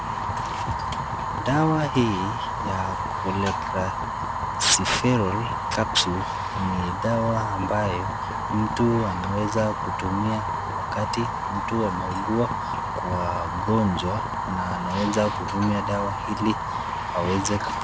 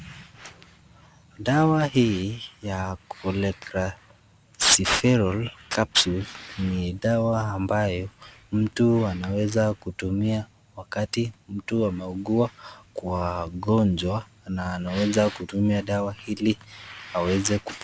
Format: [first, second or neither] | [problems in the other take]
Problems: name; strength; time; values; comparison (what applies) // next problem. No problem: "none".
second | background sound (Fire); 2 dB below the speech